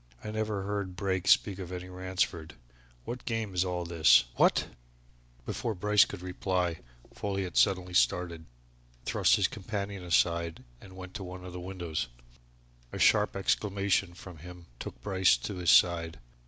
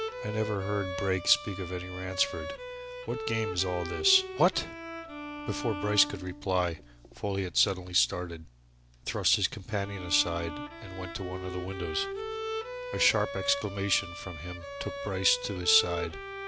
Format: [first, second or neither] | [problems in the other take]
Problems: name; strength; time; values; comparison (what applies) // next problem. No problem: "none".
first | background sound (Bowed string instrument); 8 dB below the speech